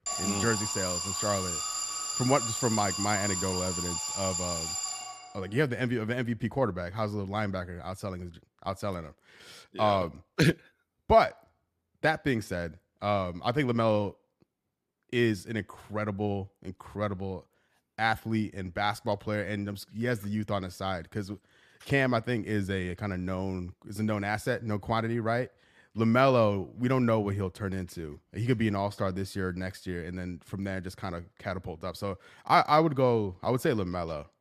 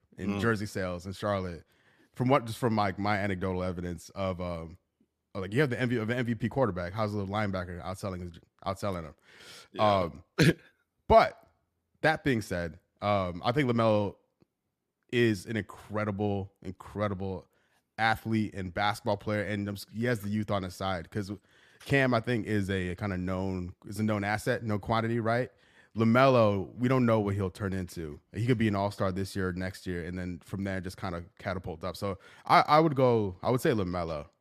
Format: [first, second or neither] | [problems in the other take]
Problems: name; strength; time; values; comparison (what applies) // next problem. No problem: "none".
second | alarm; loud; until 5.5 s; peak level with the speech